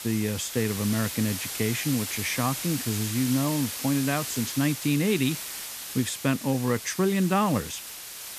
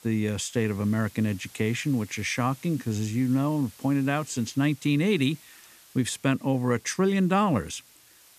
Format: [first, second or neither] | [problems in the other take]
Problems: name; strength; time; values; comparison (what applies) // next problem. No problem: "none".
second | hiss; loud; throughout; 6 dB below the speech; faint in the second